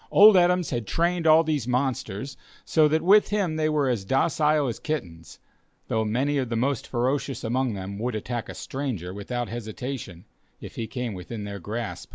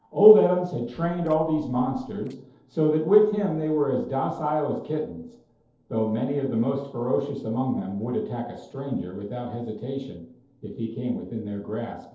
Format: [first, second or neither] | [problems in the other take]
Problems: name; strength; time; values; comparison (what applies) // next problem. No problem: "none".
first | noise reduction (neural separator model SepFormer DNS4)